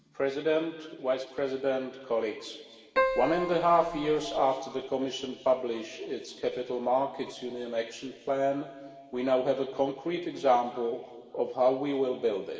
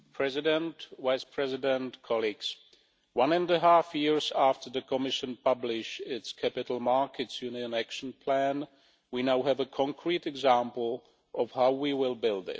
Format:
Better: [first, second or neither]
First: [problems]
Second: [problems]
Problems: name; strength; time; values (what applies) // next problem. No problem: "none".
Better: second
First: background sound (Keyboard (musical)); 2 dB below the speech // room echo; dies away in 2.2 s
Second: none